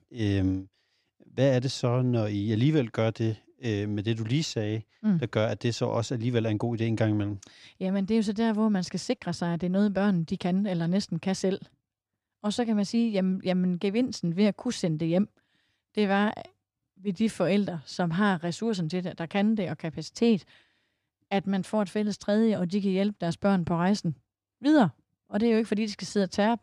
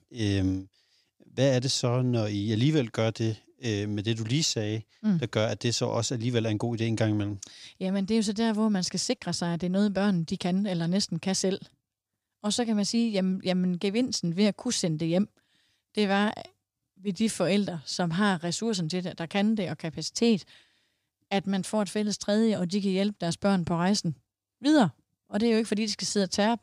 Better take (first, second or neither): second